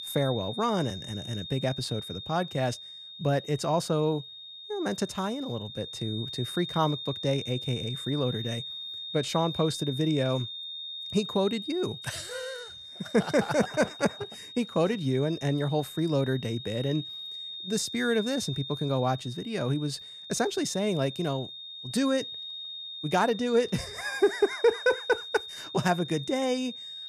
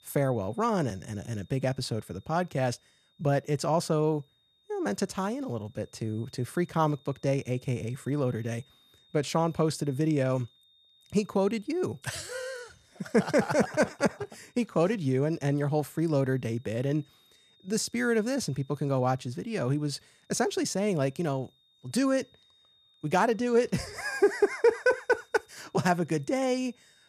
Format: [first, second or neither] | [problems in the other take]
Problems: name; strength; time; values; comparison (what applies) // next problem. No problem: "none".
second | high-pitched whine; loud; throughout; 3.5 kHz, 9 dB below the speech; faint in the second